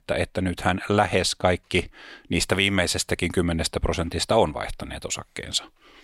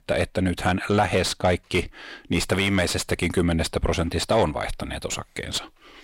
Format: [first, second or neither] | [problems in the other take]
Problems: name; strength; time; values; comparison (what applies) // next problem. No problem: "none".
first | distortion; slight; 10 dB below the speech